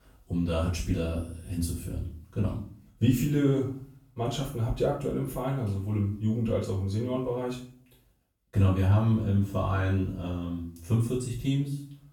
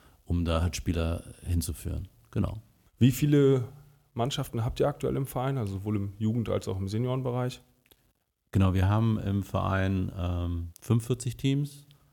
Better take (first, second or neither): second